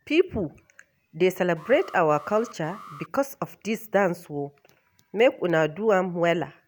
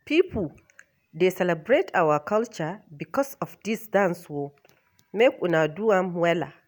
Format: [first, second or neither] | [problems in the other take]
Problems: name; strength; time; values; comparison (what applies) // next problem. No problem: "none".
second | background sound (Alarm); 19 dB below the speech